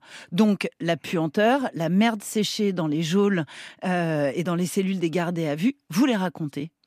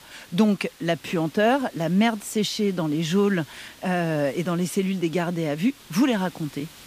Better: first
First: none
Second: hiss; faint; throughout; 20 dB below the speech

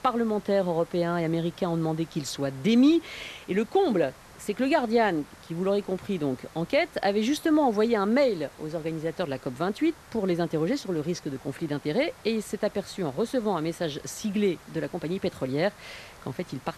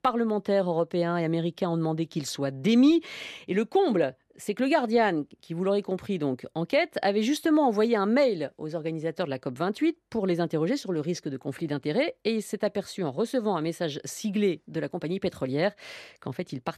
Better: second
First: hiss; faint; throughout; 20 dB below the speech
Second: none

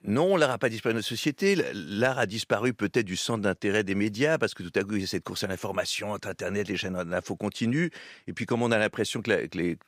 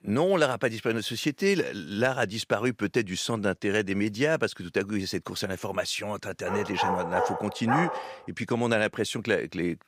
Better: first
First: none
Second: dog barking; noticeable; from 6.5 to 8 s; peak level with the speech

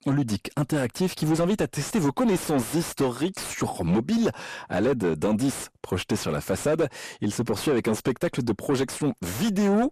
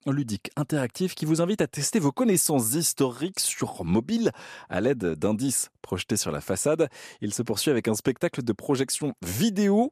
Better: second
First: distortion; heavy; 7 dB below the speech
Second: none

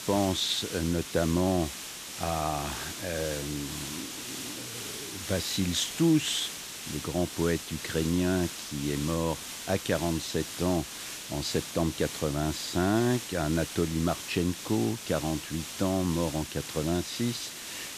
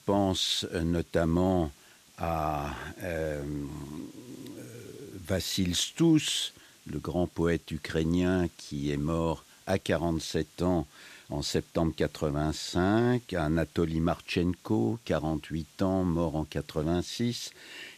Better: second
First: hiss; loud; throughout; 7 dB below the speech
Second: hiss; faint; throughout; 25 dB below the speech

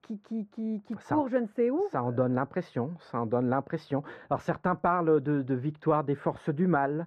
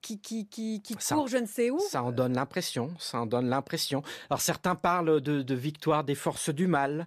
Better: second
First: muffled; very; fading above 3.5 kHz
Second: none

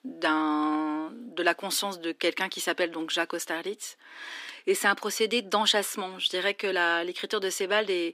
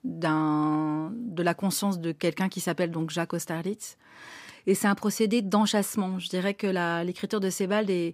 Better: second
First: thin; somewhat; fading below 300 Hz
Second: none

